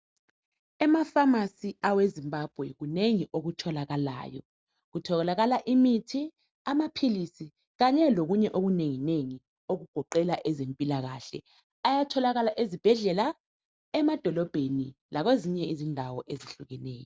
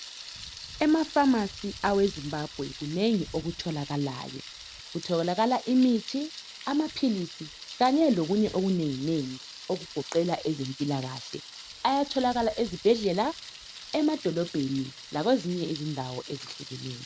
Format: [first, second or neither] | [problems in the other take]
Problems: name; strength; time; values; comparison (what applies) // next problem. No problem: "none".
first | background sound (Thunder); 15 dB below the speech